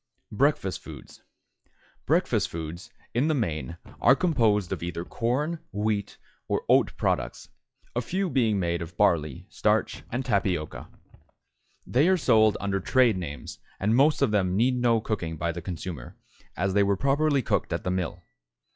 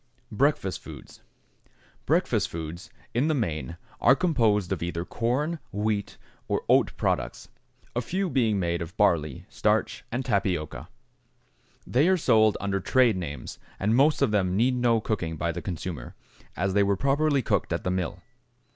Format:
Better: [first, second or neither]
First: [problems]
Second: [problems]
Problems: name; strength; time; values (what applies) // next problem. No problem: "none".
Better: second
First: noise reduction (classical method log-MMSE)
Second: none